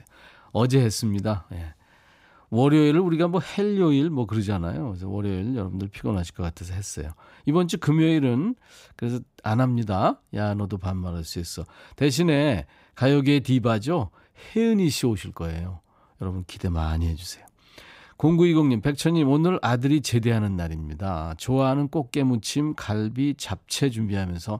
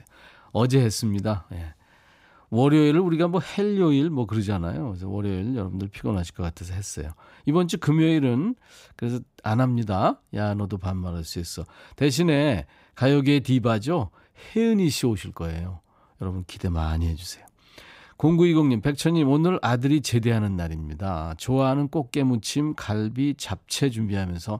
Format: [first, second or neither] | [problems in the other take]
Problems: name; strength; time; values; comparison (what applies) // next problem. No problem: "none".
neither | none